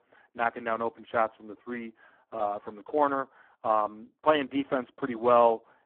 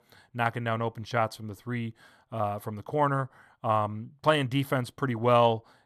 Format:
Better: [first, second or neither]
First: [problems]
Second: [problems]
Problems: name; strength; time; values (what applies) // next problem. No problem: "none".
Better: second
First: phone-call audio; poor line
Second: none